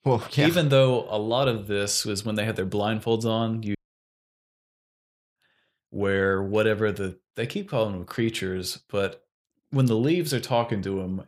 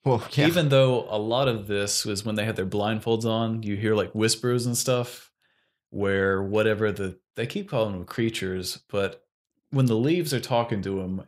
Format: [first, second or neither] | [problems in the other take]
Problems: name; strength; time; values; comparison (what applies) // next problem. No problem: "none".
second | audio cutting out; at 4 s for 1.5 s